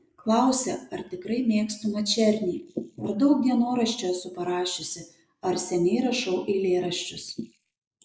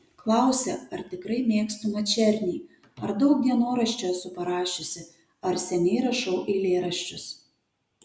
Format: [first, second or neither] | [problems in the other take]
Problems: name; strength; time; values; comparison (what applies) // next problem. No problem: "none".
second | noise reduction (neural mask model Resemble Enhance denoiser)